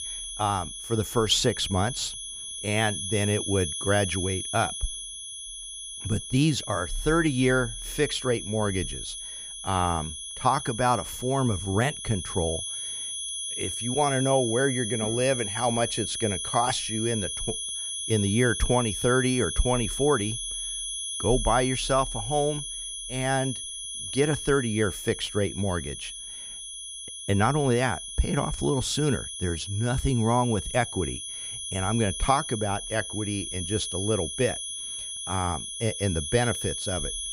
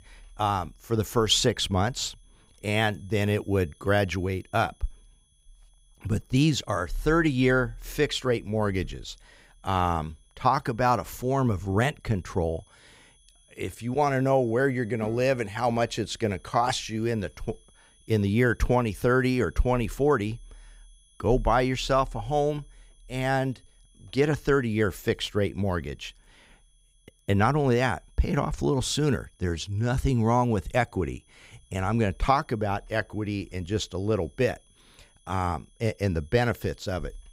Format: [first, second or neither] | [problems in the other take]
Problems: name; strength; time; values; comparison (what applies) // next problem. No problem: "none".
second | high-pitched whine; loud; throughout; 3.5 kHz, 5 dB below the speech; faint in the second